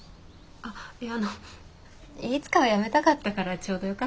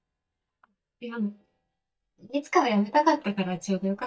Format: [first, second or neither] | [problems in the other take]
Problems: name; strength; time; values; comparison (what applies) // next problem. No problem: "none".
first | noise reduction (neural mask model DeepFilterNet 3)